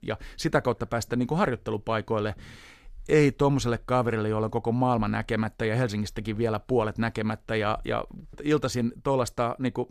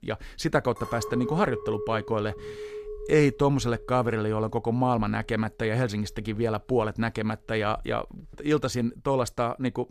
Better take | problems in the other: first | clattering dishes; noticeable; from 1 to 5 s; peak 7 dB below the speech

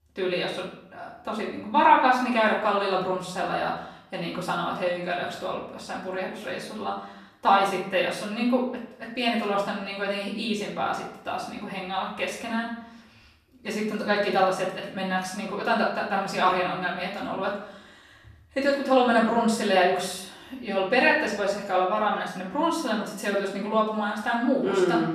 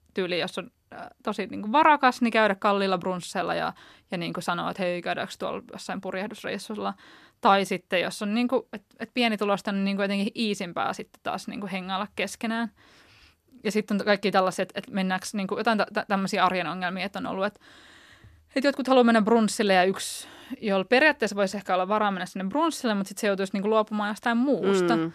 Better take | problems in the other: second | room echo; noticeable; dies away in 0.6 s // off-mic speech; far

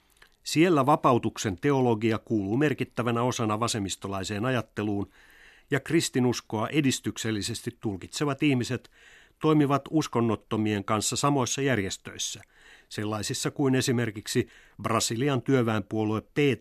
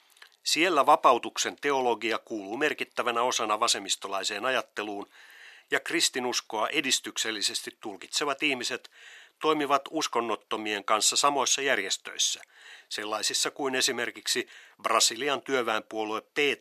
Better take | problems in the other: first | thin; very; fading below 600 Hz

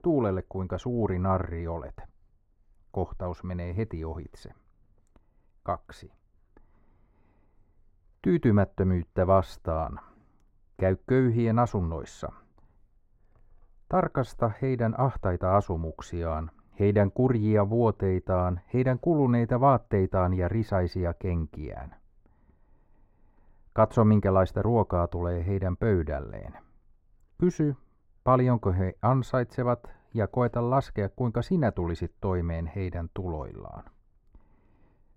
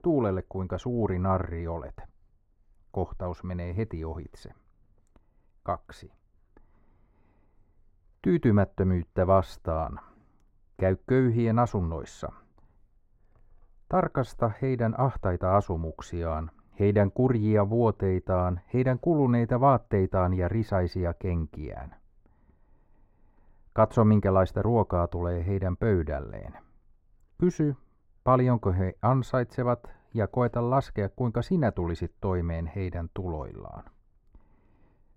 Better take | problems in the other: neither | muffled; very; fading above 2 kHz; the same in both

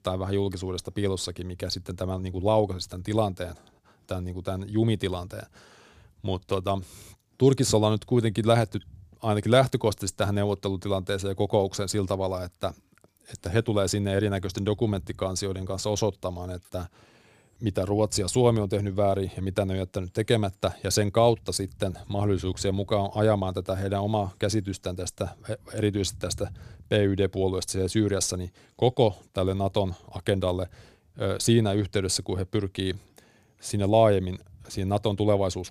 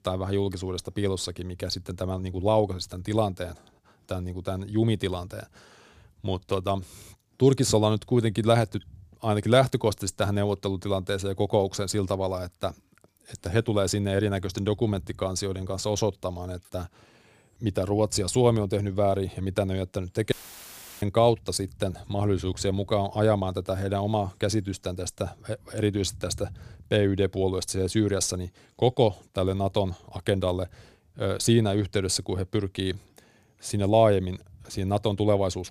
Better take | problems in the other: first | audio cutting out; filled with static; at 20 s for 0.5 s

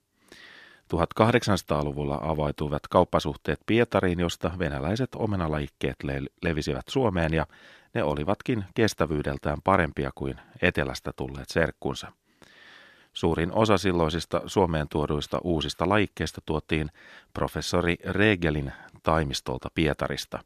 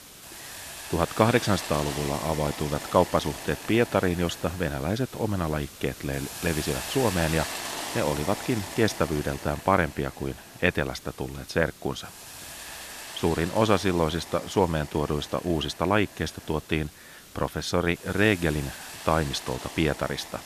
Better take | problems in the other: first | hiss; noticeable; throughout; 10 dB below the speech

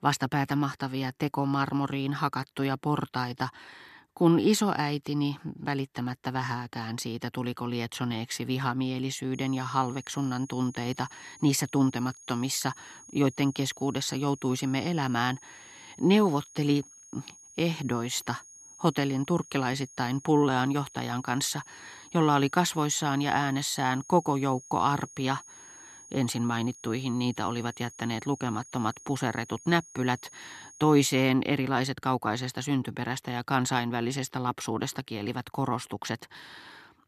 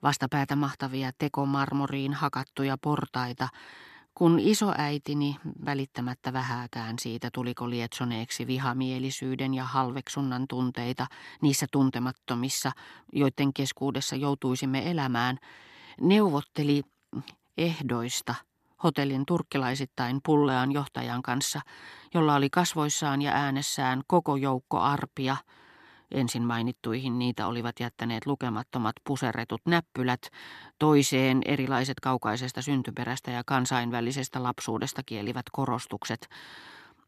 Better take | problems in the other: second | high-pitched whine; noticeable; from 9.5 to 31 s; 6.5 kHz, 20 dB below the speech

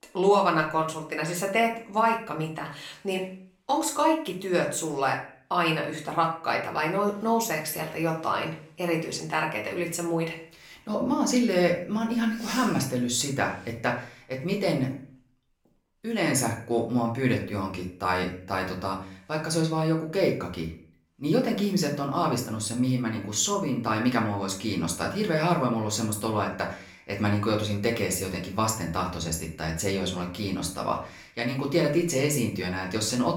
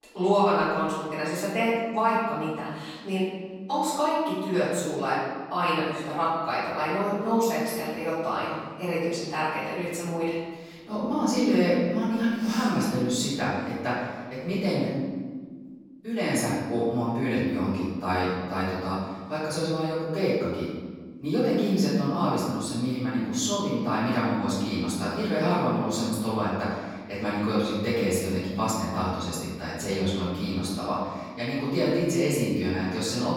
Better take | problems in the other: first | room echo; strong; dies away in 1.5 s; slight in the first // off-mic speech; far; far in the first

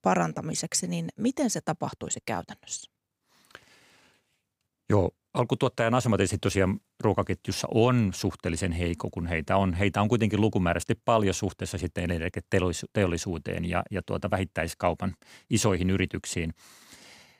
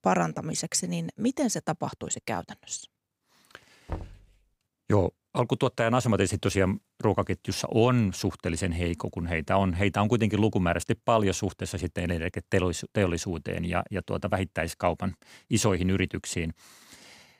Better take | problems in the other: first | door banging; faint; at 4 s; peak 10 dB below the speech

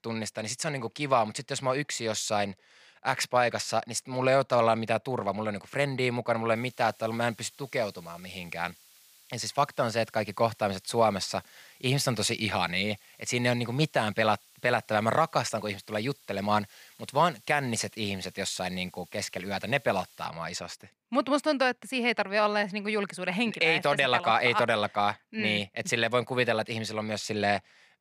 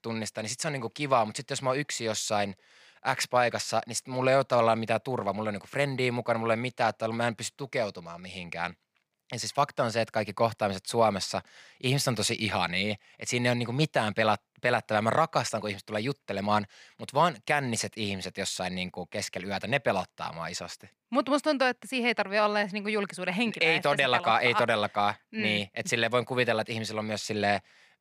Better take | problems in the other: second | hiss; faint; from 6.5 to 20 s; 25 dB below the speech

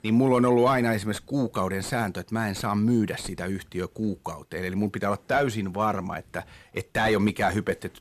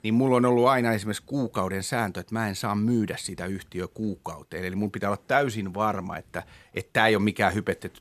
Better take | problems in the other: second | distortion; slight; 10 dB below the speech

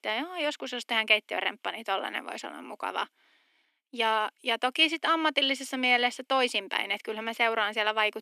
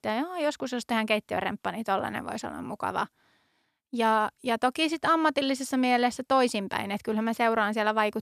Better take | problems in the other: second | thin; very slightly; fading below 250 Hz

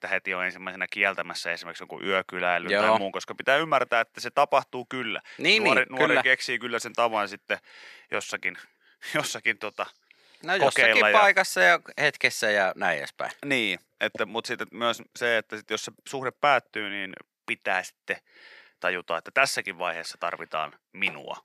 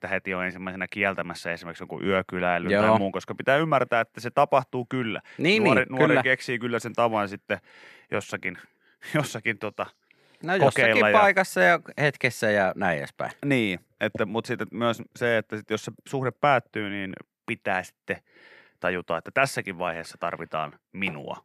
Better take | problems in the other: second | thin; somewhat; fading below 600 Hz

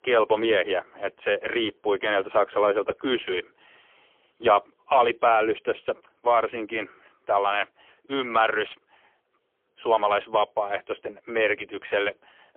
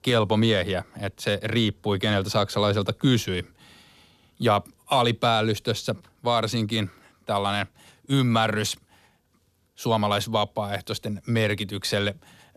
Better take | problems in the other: second | phone-call audio; poor line; nothing above 3.5 kHz

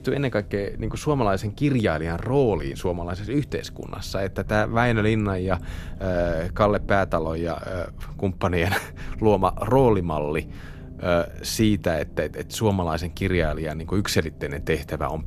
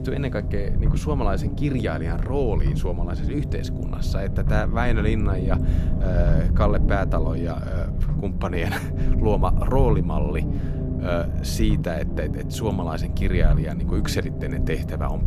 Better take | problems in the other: first | low rumble; loud; throughout; 7 dB below the speech; faint in the first

